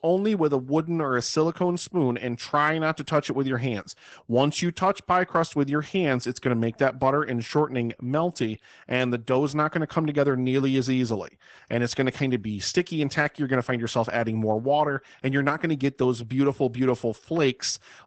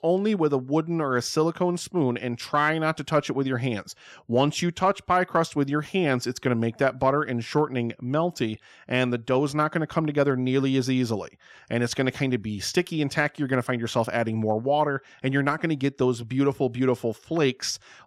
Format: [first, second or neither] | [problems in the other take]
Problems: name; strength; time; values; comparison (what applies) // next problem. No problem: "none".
second | garbled, watery; badly; nothing above 8 kHz